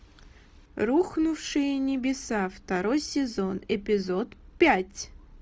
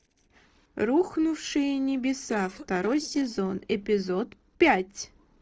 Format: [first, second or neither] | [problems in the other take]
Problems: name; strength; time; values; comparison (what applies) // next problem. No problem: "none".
first | noise reduction (neural separator model SepFormer DNS4)